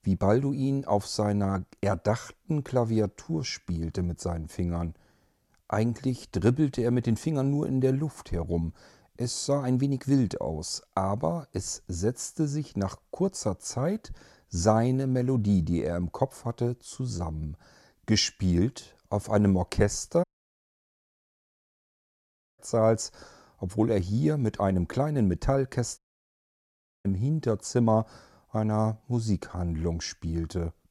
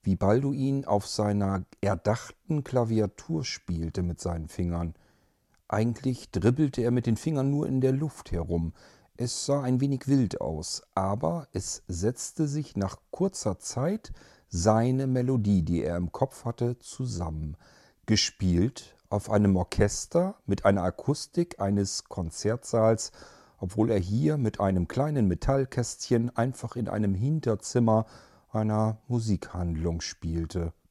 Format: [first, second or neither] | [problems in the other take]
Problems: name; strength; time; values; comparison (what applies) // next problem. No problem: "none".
second | audio cutting out; at 20 s for 2.5 s and at 26 s for 1 s